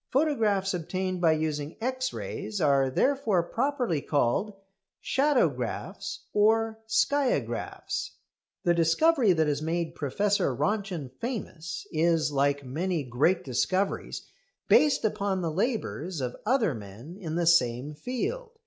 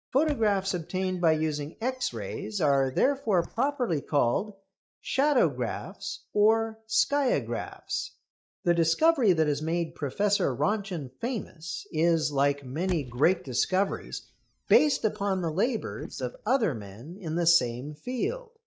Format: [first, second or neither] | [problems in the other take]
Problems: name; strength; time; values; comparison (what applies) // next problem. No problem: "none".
first | noise reduction (neural mask model DeepFilterNet 3)